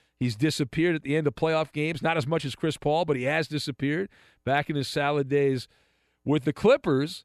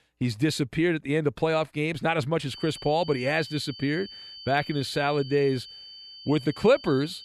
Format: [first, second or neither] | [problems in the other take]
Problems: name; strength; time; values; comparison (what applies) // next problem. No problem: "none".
first | high-pitched whine; noticeable; from 2.5 s on; 4.5 kHz, 15 dB below the speech